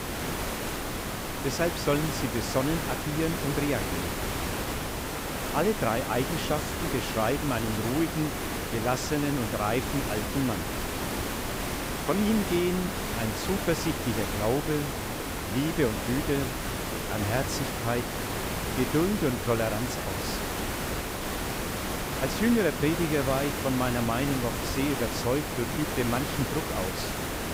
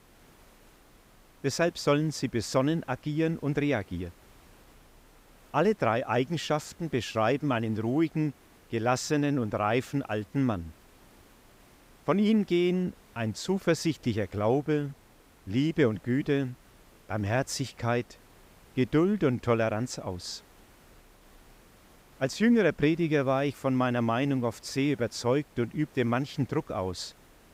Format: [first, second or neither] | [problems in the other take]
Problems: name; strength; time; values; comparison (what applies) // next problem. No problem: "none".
second | hiss; loud; throughout; 2 dB below the speech; faint in the second